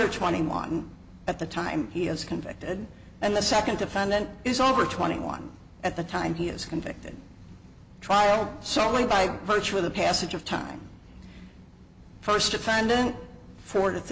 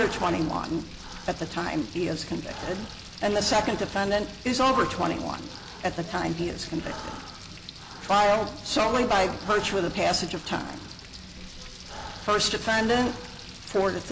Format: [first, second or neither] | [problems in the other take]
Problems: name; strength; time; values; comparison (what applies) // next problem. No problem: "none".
first | background sound (Breathing + Frying (food)); 14 dB below the speech